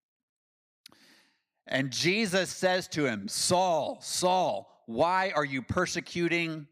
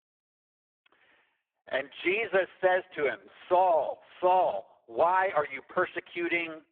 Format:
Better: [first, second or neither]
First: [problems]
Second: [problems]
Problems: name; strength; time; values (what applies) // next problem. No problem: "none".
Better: first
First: none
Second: phone-call audio; poor line